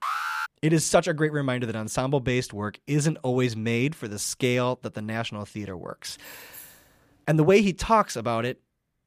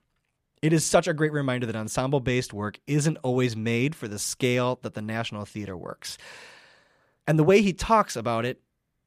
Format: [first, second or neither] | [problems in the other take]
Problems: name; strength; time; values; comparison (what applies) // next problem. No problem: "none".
second | alarm; noticeable; at the start; peak 3 dB below the speech // jangling keys; faint; from 6 to 7 s; peak 20 dB below the speech